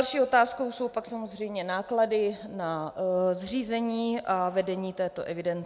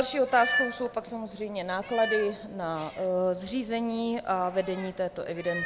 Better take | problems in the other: first | background sound (Meow); 9 dB below the speech

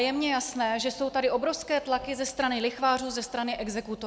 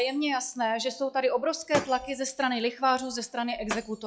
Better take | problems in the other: first | noise reduction (classical method log-MMSE)

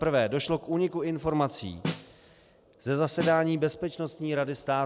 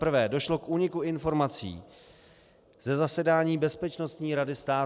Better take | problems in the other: second | background sound (Snare drum); 10 dB below the speech

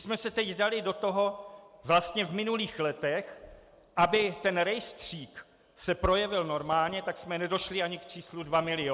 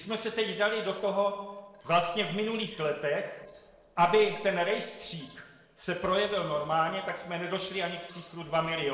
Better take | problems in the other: first | noise reduction (neural separator model SepFormer DNS4)

